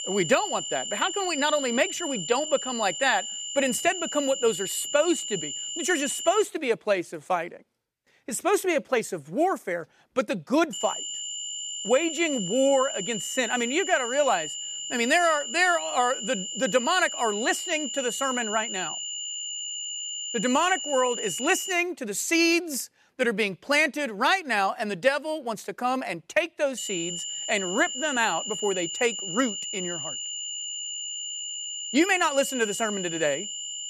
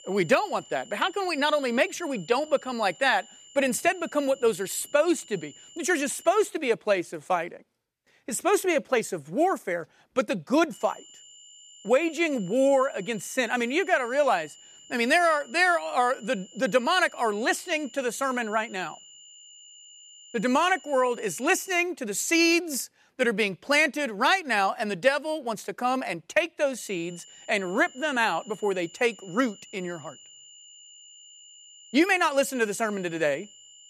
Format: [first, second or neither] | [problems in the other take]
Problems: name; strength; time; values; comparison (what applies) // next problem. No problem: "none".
second | high-pitched whine; loud; until 6.5 s, from 11 to 22 s and from 27 s on; 7 kHz, 5 dB below the speech; faint in the second